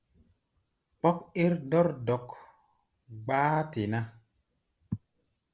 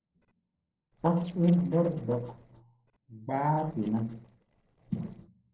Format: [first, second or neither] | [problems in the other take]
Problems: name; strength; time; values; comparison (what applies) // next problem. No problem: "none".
first | noise reduction (neural separator model SepFormer DNS4)